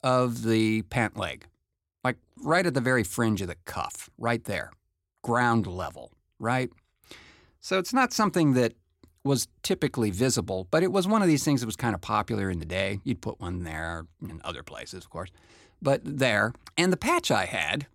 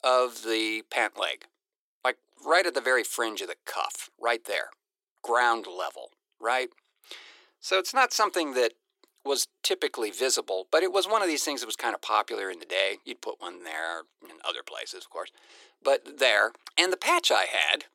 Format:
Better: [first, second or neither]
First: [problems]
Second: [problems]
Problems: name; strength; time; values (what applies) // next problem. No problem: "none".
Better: first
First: none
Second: thin; very; fading below 400 Hz